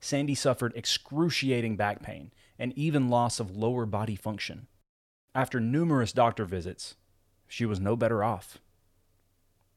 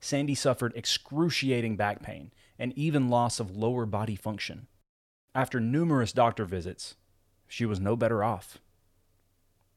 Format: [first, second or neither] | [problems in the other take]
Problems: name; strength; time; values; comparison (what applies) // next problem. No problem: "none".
neither | none